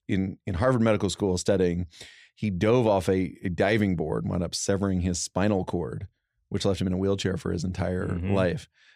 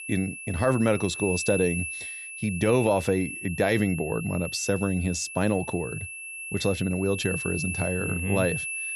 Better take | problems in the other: first | high-pitched whine; loud; throughout; 2.5 kHz, 7 dB below the speech

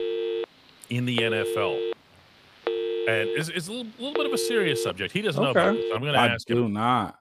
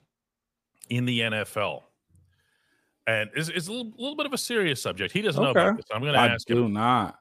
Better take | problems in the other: second | phone ringing; noticeable; until 6 s; peak 2 dB below the speech

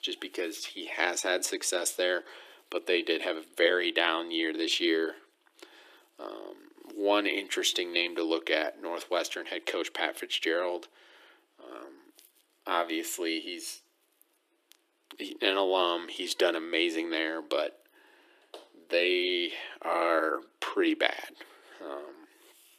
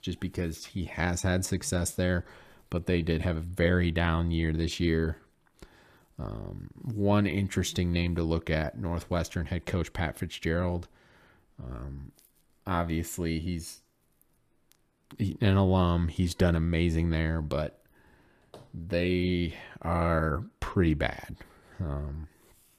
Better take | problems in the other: second | thin; very; fading below 300 Hz

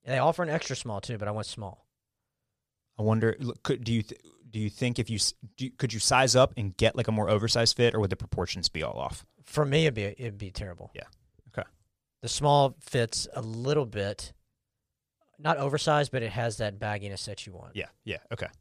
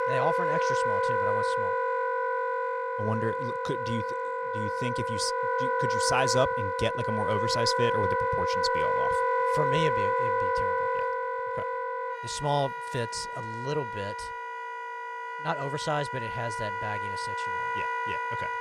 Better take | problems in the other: first | background music; very loud; throughout; 4 dB above the speech

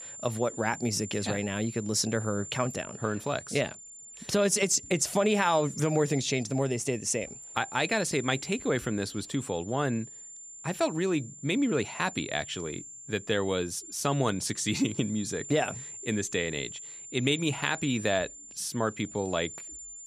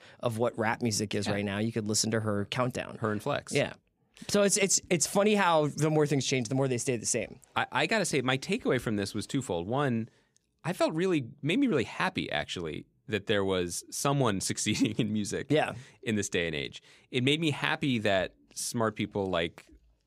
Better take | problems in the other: second | high-pitched whine; noticeable; throughout; 7 kHz, 10 dB below the speech

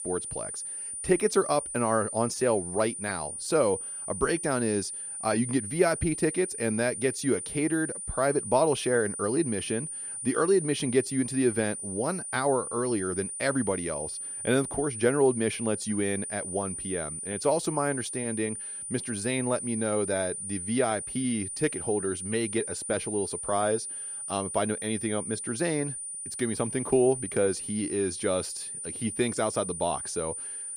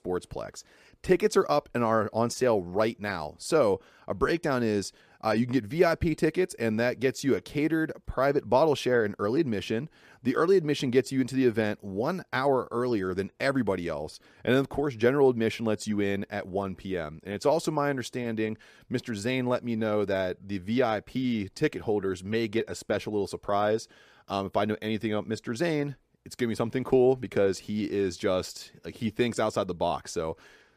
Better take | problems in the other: second | high-pitched whine; loud; throughout; 9.5 kHz, 5 dB below the speech

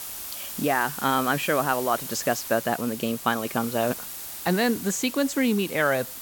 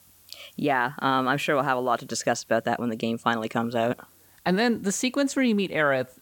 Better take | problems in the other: second | hiss; loud; throughout; 8 dB below the speech; faint in the second

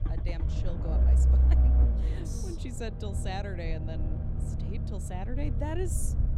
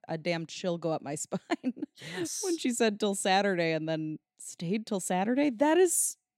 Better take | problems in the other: second | low rumble; loud; throughout; 3 dB below the speech

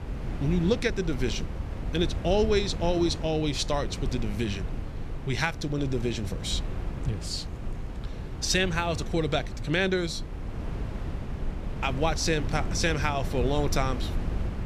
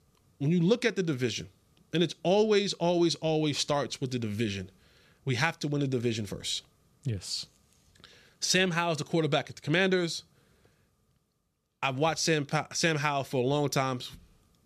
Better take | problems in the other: second | wind noise on the microphone; occasional gusts; 15 dB below the speech

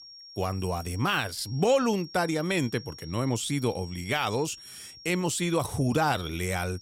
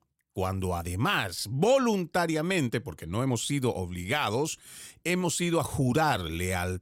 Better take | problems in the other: second | high-pitched whine; noticeable; throughout; 5.5 kHz, 15 dB below the speech

